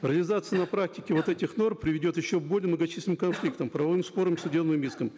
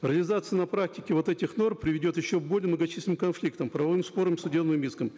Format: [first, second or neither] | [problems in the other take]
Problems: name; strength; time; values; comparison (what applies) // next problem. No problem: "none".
second | background sound (Cough); 18 dB below the speech